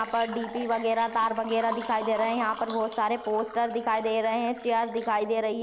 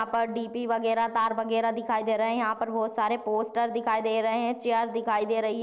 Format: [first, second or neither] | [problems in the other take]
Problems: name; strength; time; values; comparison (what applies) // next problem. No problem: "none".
second | background sound (Water / Liquid); 15 dB below the speech